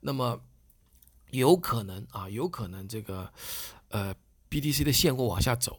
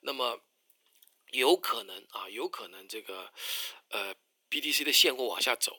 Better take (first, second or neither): first